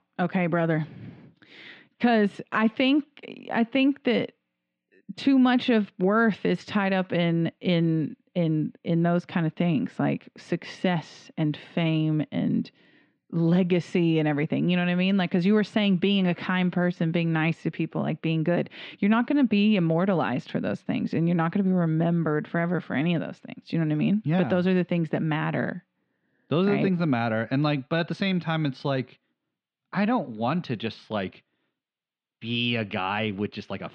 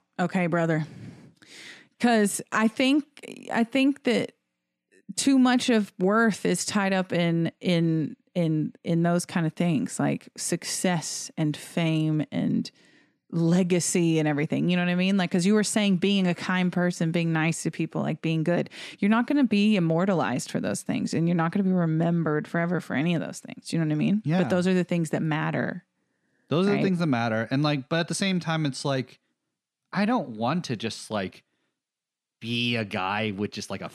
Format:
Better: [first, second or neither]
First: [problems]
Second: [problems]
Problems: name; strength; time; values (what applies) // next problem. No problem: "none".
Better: second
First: muffled; slightly; fading above 3.5 kHz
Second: none